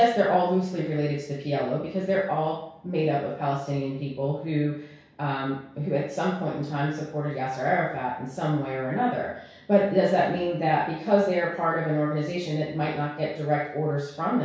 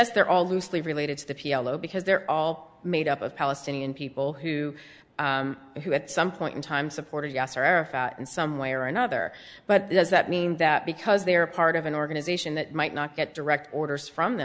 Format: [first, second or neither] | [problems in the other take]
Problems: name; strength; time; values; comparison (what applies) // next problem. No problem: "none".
second | room echo; dies away in 0.6 s